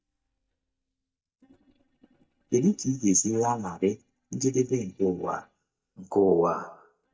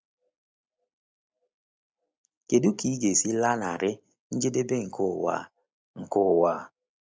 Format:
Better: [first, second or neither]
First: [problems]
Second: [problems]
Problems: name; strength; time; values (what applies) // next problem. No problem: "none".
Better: second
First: noise reduction (neural mask model DeepFilterNet 3)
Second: none